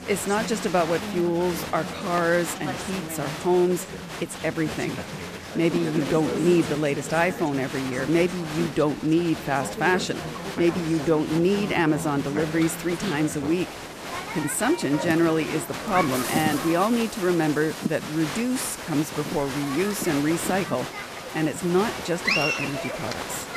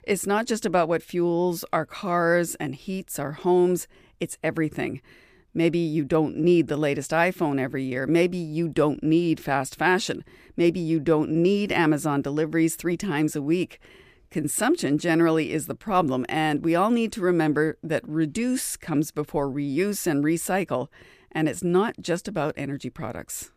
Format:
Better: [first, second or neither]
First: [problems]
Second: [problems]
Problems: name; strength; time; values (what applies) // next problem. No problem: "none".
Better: second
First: crowd noise; loud; throughout; 6 dB below the speech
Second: none